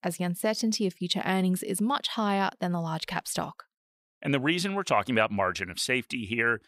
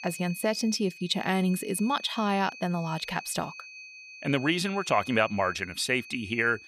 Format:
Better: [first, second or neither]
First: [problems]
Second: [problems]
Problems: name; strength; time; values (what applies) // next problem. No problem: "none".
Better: first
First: none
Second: high-pitched whine; noticeable; throughout; 2.5 kHz, 15 dB below the speech